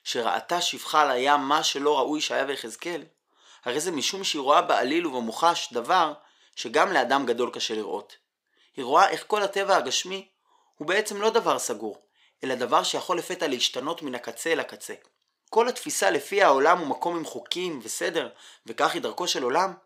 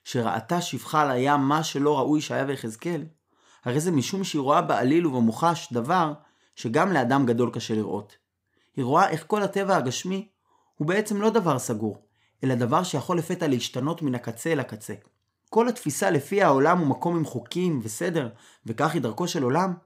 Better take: second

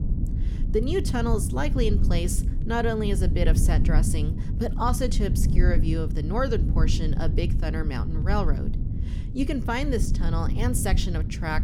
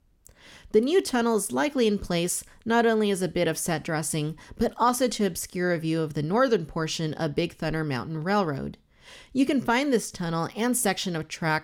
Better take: second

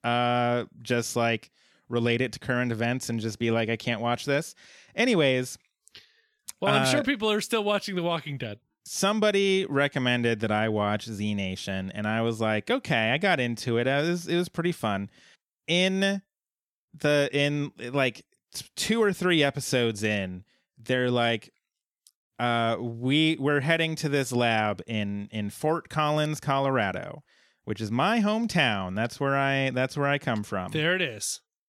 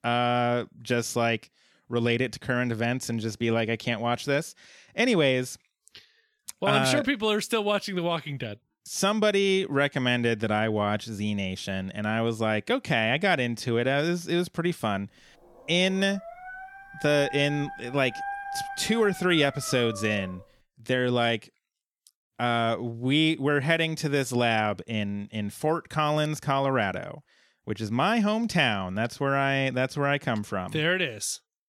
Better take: first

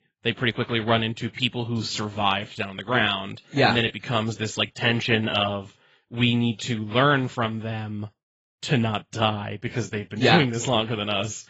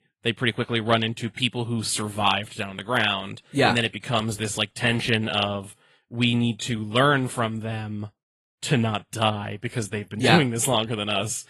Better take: second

